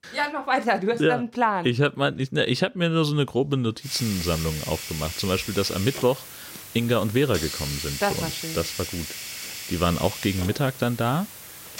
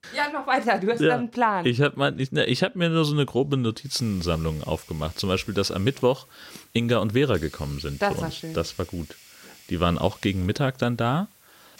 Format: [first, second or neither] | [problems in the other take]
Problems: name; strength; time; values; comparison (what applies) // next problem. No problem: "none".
second | hiss; loud; from 4 s on; 8 dB below the speech; faint in the second